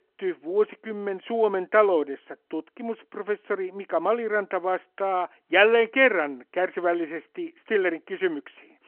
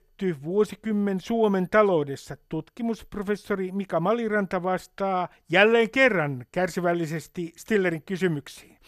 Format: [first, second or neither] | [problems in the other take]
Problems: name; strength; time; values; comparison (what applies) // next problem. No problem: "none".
second | phone-call audio